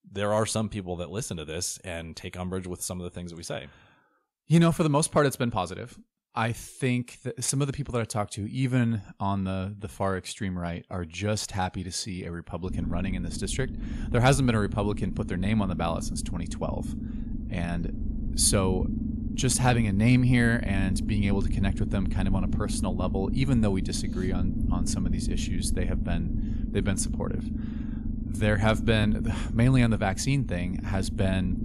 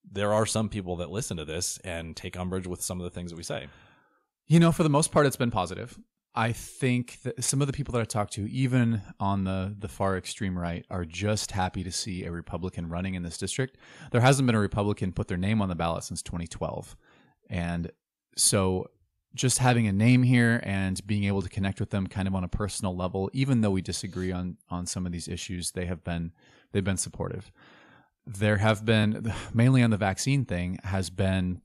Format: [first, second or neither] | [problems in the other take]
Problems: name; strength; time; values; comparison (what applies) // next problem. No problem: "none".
second | low rumble; noticeable; from 13 s on; 10 dB below the speech